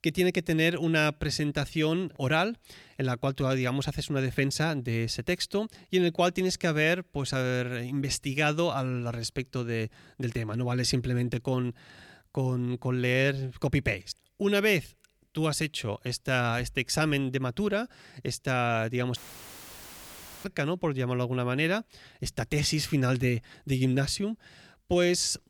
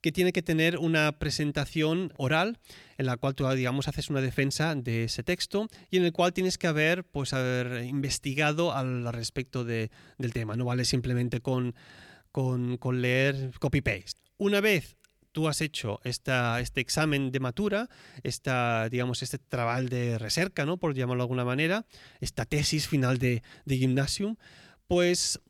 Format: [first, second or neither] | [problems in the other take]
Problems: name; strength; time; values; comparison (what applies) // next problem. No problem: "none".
second | audio cutting out; filled with static; at 19 s for 1.5 s